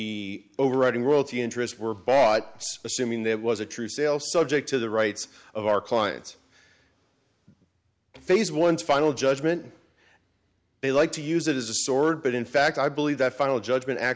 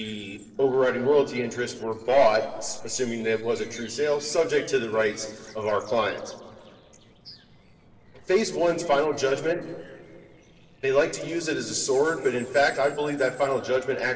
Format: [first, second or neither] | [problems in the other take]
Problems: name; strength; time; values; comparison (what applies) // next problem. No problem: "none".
first | noise reduction (neural separator model SepFormer DNS4)